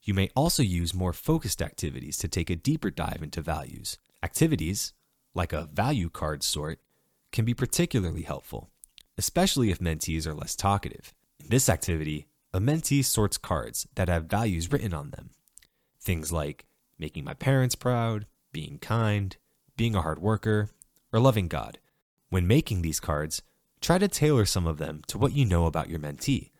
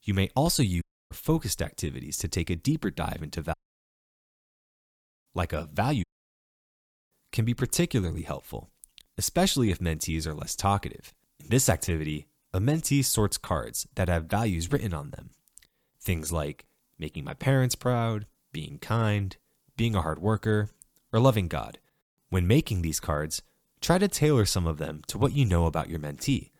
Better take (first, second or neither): first